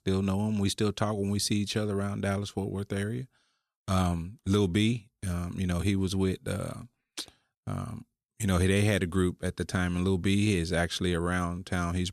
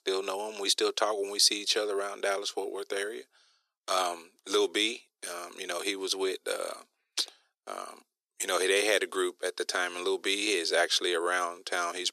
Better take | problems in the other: first | thin; very; fading below 350 Hz

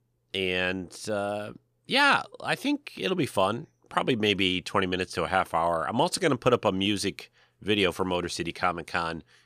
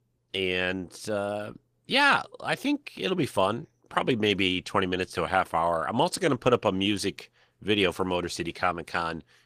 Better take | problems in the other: first | garbled, watery; slightly; nothing above 15 kHz

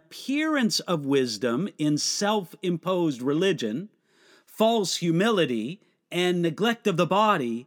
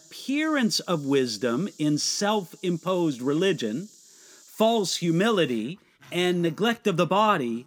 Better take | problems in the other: first | animal sounds; faint; throughout; 25 dB below the speech

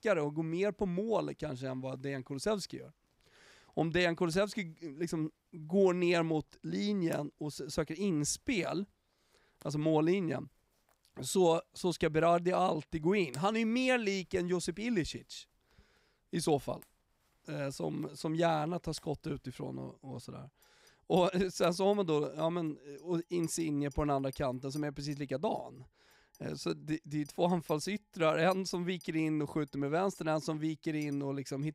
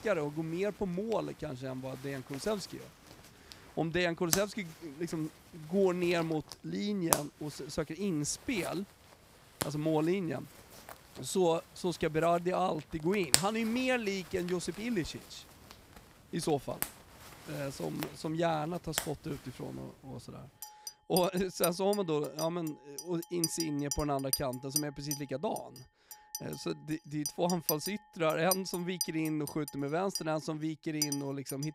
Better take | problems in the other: first | household noises; loud; throughout; 3 dB below the speech; faint in the first

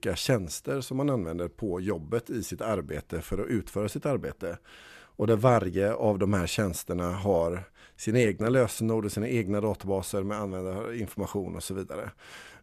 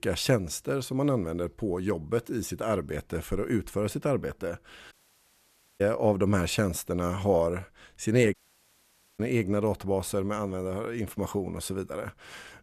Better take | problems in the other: first | audio cutting out; at 5 s for 1 s and at 8.5 s for 1 s

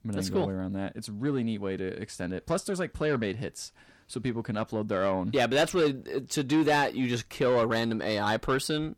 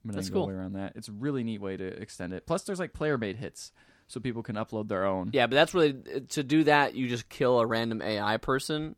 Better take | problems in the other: second | distortion; slight; 10 dB below the speech

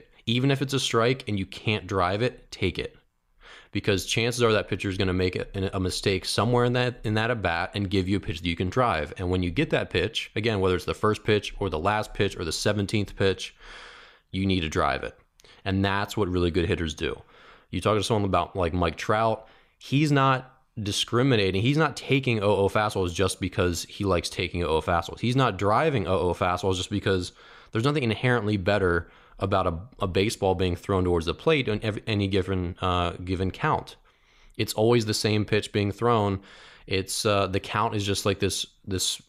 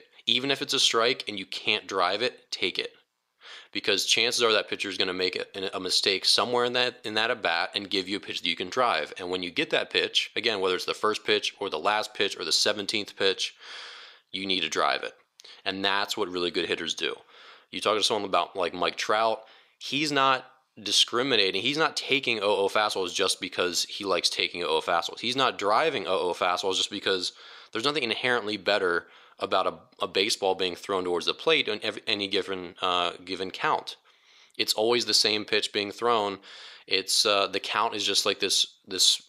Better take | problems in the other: first | thin; somewhat; fading below 400 Hz

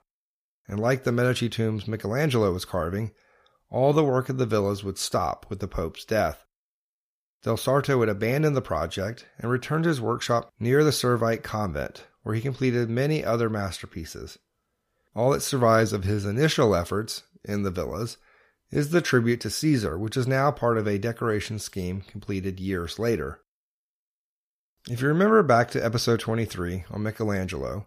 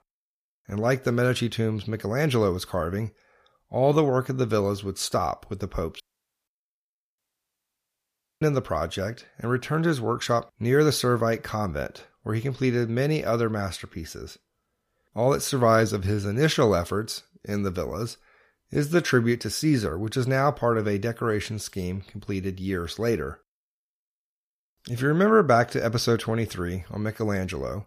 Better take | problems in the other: first | audio cutting out; at 6 s and at 7 s for 1 s

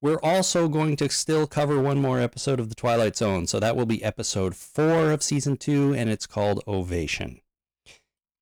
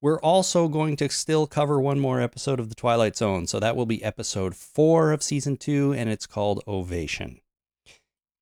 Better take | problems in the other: second | distortion; slight; 9% of the sound clipped

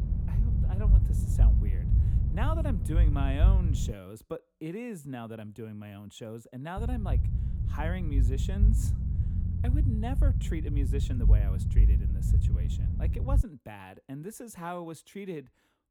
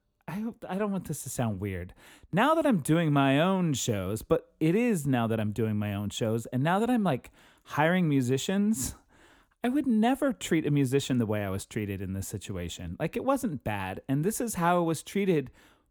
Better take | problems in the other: second | low rumble; loud; until 4 s and from 7 to 13 s; 3 dB below the speech

